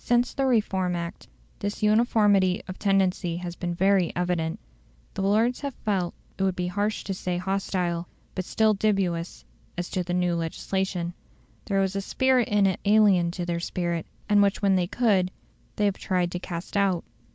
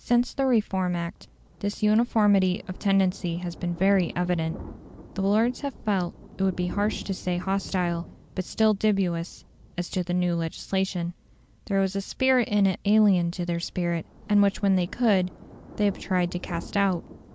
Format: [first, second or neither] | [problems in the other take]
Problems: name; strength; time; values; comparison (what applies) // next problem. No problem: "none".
first | background sound (Thunder); 19 dB below the speech